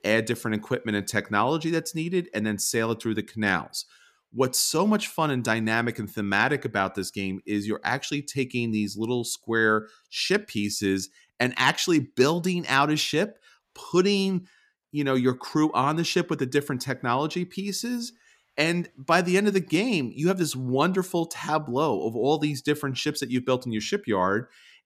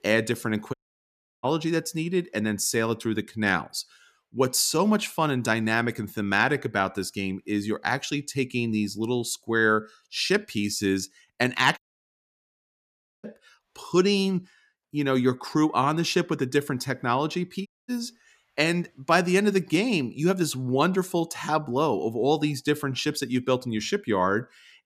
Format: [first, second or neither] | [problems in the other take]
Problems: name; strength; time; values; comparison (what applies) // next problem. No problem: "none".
first | audio cutting out; at 0.5 s for 0.5 s, at 12 s for 1.5 s and at 18 s